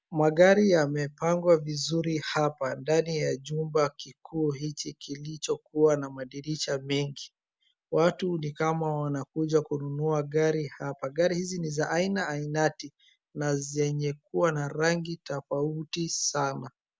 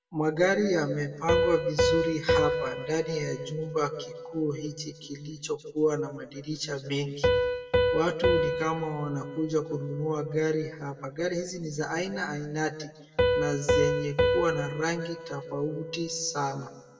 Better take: first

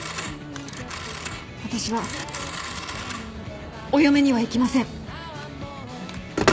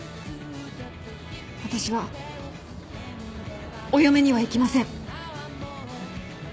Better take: second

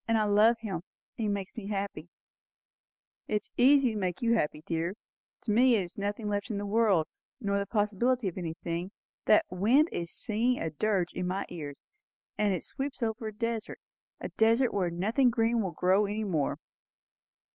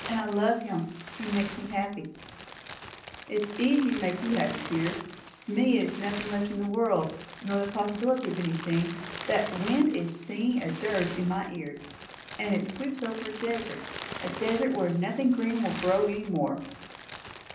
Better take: first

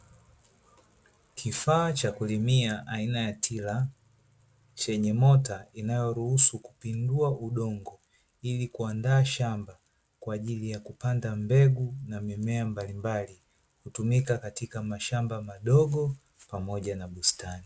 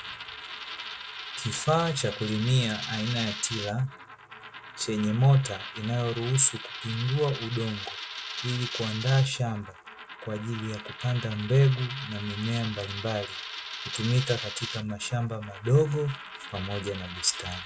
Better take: first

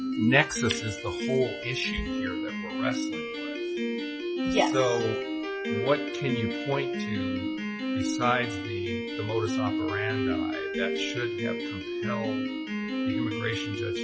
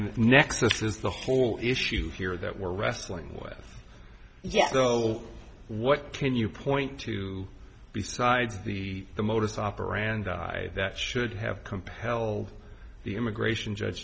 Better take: second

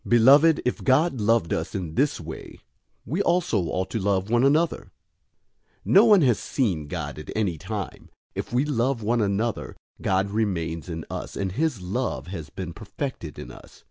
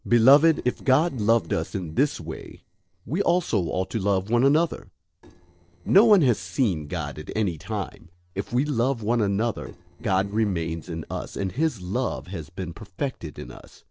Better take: first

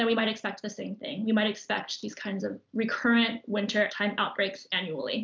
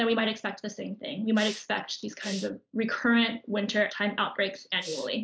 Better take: first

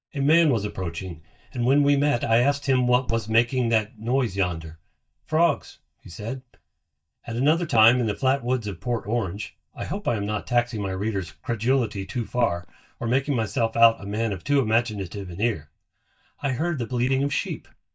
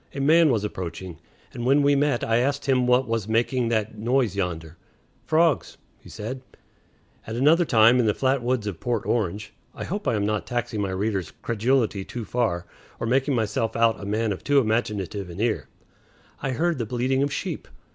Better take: second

